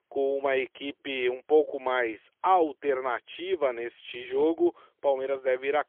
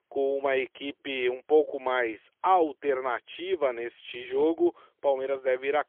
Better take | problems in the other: neither | phone-call audio; poor line; nothing above 3.5 kHz; the same in both

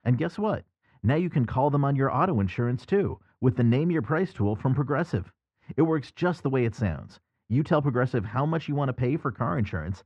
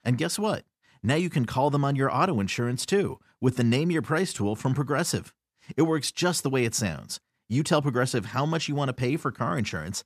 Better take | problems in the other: second | muffled; very; fading above 1.5 kHz

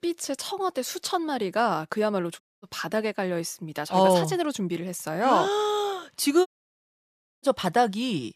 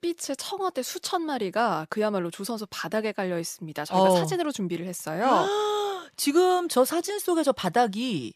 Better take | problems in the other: second | audio cutting out; at 2.5 s and at 6.5 s for 1 s

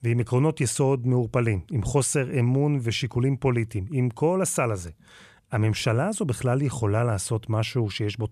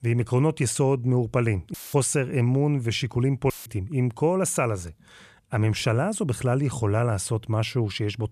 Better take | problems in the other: first | audio cutting out; filled with static; at 1.5 s and at 3.5 s

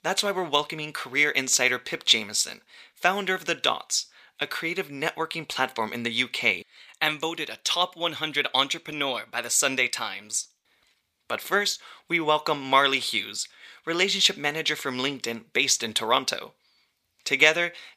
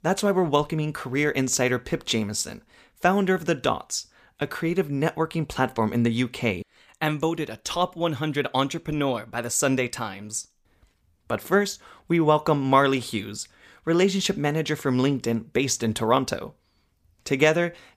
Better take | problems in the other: second | thin; somewhat; fading below 950 Hz

